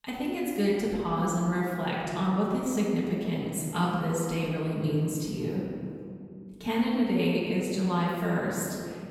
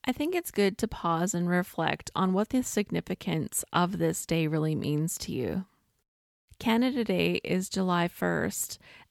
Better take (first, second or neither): second